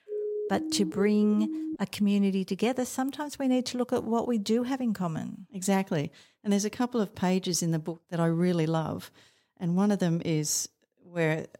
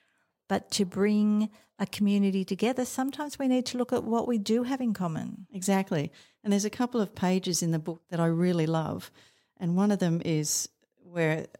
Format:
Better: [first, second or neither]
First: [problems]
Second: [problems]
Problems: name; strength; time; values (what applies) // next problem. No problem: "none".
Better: second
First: siren; noticeable; until 2 s; peak 4 dB below the speech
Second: none